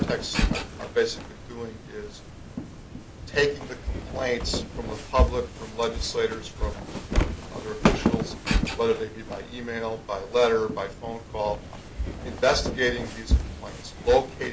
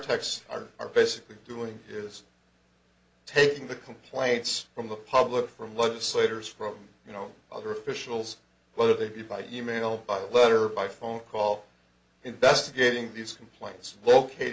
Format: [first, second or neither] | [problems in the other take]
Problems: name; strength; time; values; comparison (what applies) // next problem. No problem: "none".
second | background sound (Walk, footsteps); 1 dB below the speech